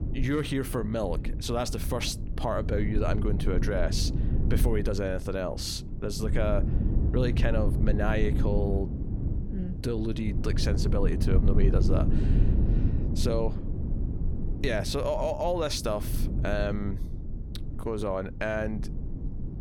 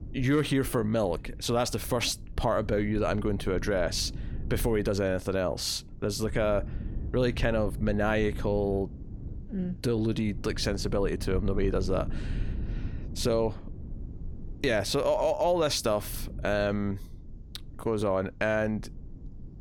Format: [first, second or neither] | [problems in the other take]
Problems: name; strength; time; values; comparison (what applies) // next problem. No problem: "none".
second | low rumble; loud; throughout; 10 dB below the speech; faint in the second